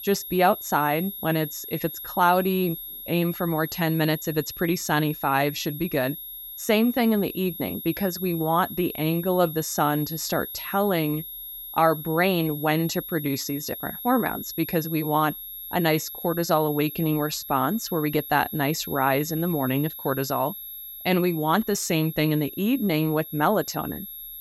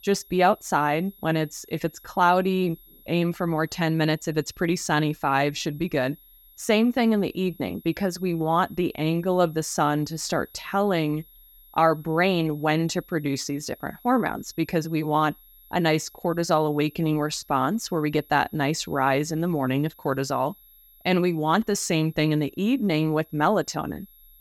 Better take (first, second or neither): second